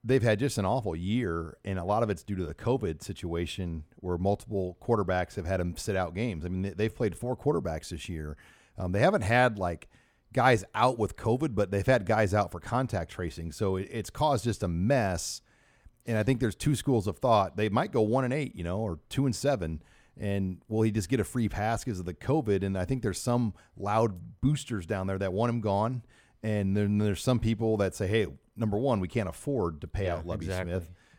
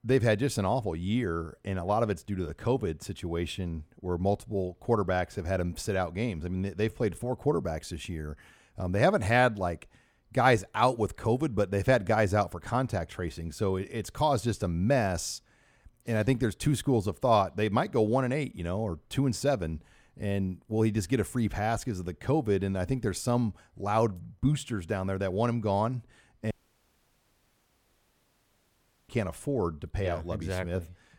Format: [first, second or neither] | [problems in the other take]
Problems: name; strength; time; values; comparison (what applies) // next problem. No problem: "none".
first | audio cutting out; at 27 s for 2.5 s